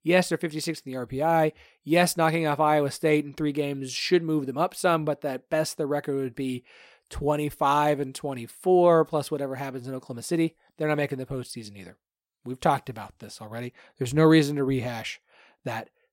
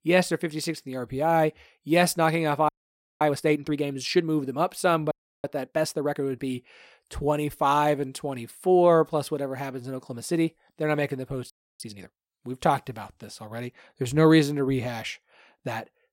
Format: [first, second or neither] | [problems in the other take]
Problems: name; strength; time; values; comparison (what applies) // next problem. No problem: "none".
first | audio freezing; at 2.5 s for 0.5 s, at 5 s and at 12 s